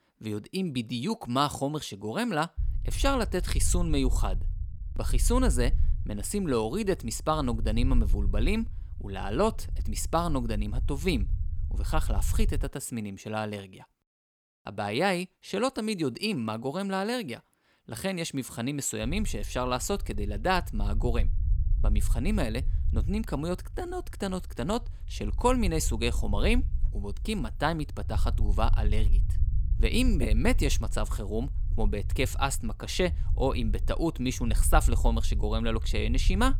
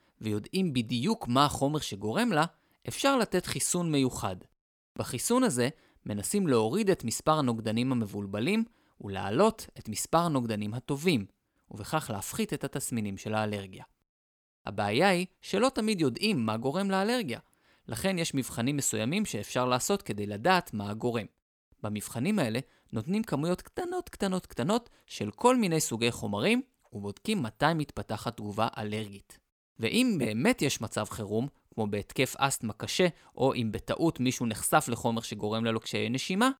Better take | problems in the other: second | low rumble; faint; from 2.5 to 13 s and from 19 s on; 20 dB below the speech

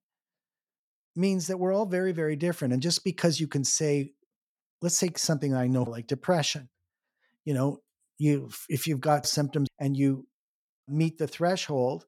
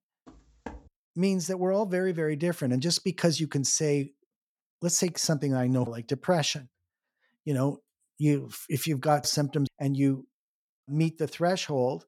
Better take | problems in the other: first | footsteps; faint; at 0.5 s; peak 15 dB below the speech

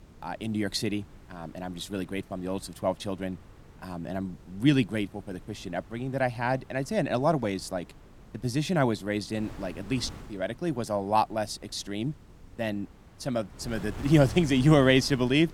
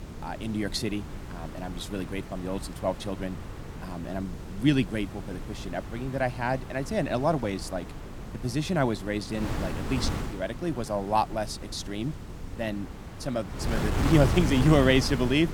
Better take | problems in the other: first | wind noise on the microphone; heavy; 10 dB below the speech; occasional gusts in the first

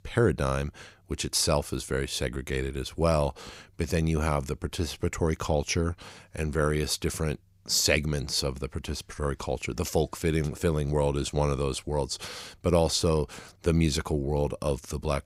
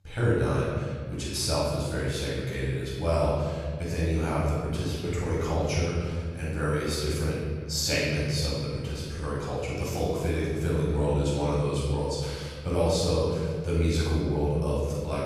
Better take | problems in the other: first | room echo; strong; dies away in 2 s // off-mic speech; far

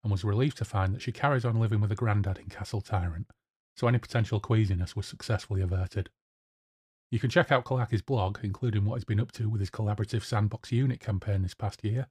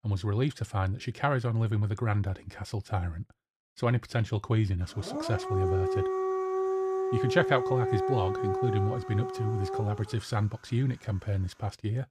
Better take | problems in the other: first | dog barking; loud; from 5 to 10 s; peak 1 dB above the speech

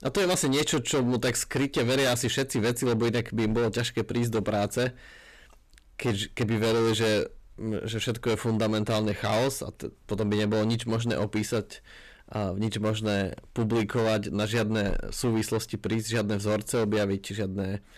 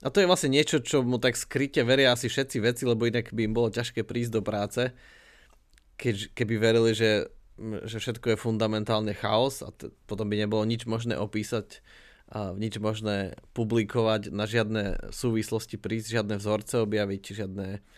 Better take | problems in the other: second | distortion; heavy; 15% of the sound clipped

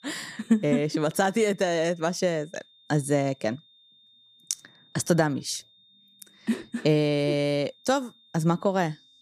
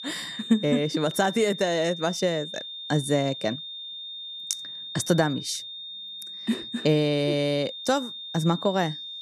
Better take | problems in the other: first | high-pitched whine; loud; throughout; 3.5 kHz, 9 dB below the speech; faint in the first

